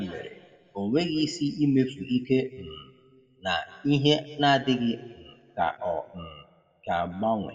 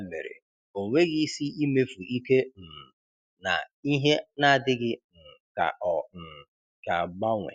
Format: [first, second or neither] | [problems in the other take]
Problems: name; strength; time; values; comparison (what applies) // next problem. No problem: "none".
second | room echo; dies away in 1.1 s